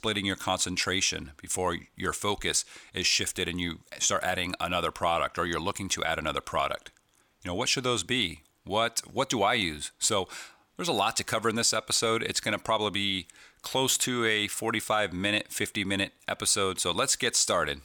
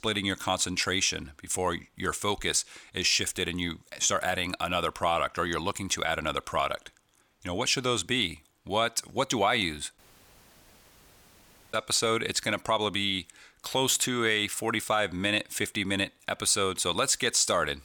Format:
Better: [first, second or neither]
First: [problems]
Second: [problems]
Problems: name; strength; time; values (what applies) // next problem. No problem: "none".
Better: first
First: none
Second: audio cutting out; at 10 s for 2 s